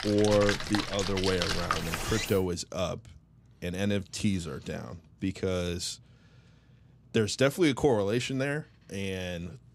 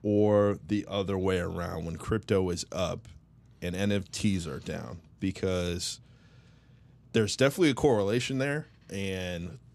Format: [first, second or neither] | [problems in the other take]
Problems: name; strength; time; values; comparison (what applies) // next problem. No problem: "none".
second | rain or running water; loud; until 2.5 s; 2 dB below the speech